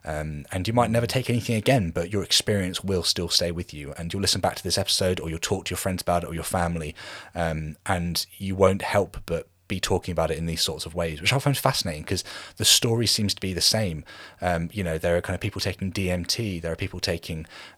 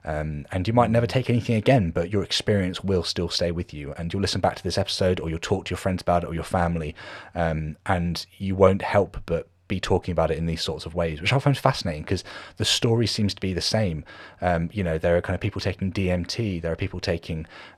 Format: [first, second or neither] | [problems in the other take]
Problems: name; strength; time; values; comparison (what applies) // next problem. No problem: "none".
first | muffled; very slightly; fading above 2 kHz